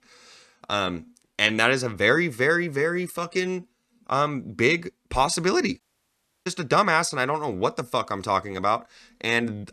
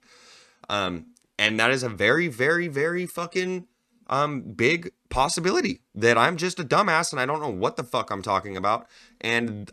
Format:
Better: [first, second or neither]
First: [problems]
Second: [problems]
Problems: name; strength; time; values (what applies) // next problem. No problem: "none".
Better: second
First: audio cutting out; at 6 s for 0.5 s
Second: none